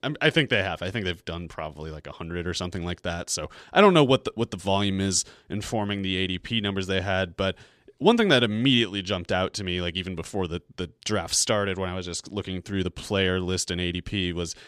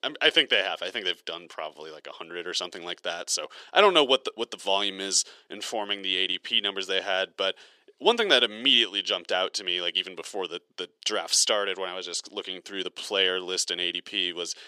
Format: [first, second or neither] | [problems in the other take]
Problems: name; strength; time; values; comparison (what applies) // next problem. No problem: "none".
first | thin; somewhat; fading below 400 Hz